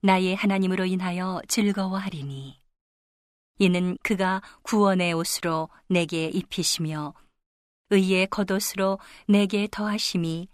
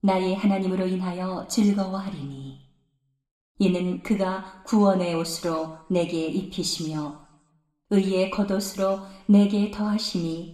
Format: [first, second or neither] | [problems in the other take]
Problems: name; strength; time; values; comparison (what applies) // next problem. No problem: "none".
first | room echo; very slight; dies away in 0.7 s